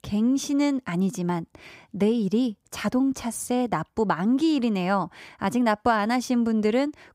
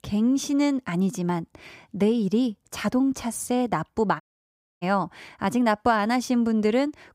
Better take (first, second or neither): first